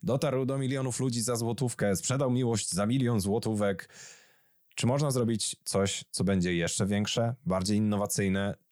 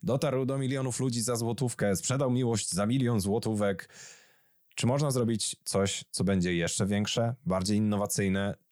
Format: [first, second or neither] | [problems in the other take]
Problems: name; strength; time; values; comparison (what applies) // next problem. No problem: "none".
neither | none